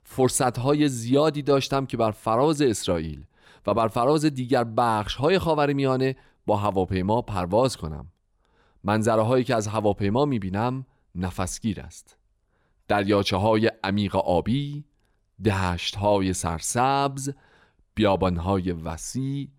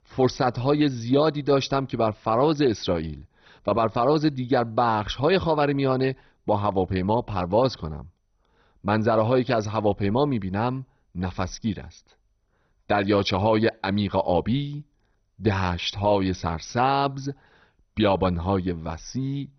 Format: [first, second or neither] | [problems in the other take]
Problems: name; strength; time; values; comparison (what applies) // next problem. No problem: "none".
first | garbled, watery; badly; nothing above 6 kHz